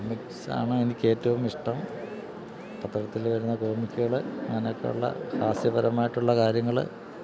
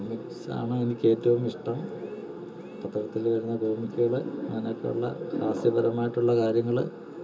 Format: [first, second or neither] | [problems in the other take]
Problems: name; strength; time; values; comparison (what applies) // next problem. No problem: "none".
first | room echo; dies away in 0.2 s